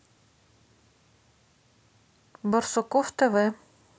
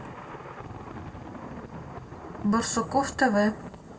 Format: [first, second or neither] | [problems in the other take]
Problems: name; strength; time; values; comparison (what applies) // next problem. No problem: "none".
first | background sound (Thunder); 10 dB below the speech // room echo; dies away in 0.2 s